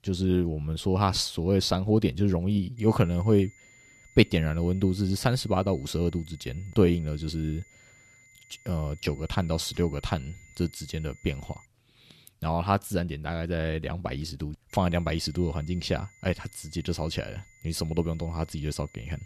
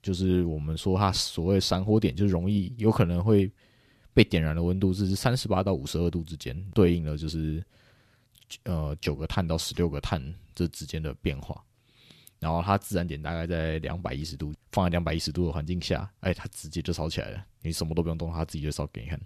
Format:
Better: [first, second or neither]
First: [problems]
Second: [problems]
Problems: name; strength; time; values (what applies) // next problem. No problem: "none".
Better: second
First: high-pitched whine; faint; from 3 to 12 s and from 15 s on; 2 kHz, 25 dB below the speech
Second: none